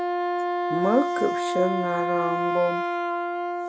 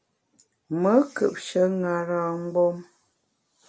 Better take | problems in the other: second | background sound (Wind instrument, woodwind instrument); 2 dB above the speech

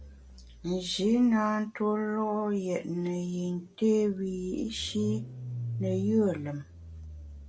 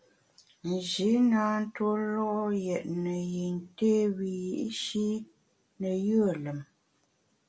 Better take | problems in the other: second | background sound (Engine starting / Car); 13 dB below the speech

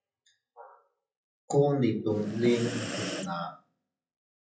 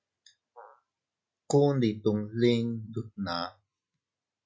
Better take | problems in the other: second | noise reduction (classical method WPE with log-MMSE)

